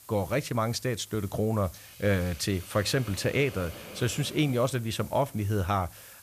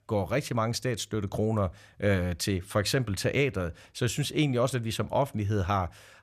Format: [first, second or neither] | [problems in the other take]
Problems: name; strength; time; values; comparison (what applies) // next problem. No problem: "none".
second | hiss; noticeable; throughout; 15 dB below the speech